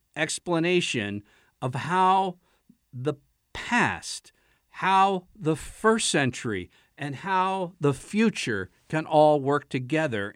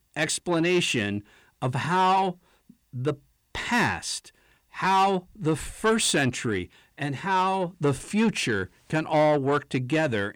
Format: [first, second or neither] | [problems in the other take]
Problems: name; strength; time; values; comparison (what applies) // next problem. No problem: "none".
first | distortion; slight; 10 dB below the speech